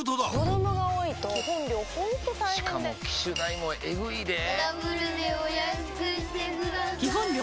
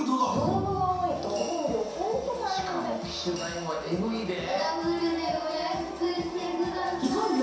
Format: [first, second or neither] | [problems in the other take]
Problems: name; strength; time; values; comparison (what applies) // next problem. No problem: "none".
first | room echo; dies away in 0.7 s